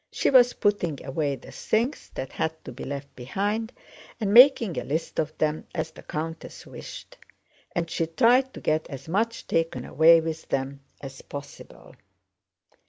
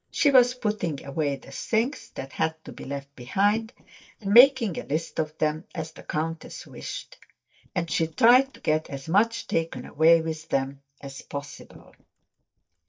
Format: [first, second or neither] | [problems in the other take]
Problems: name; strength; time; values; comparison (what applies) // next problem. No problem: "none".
first | noise reduction (neural mask model DeepFilterNet 3)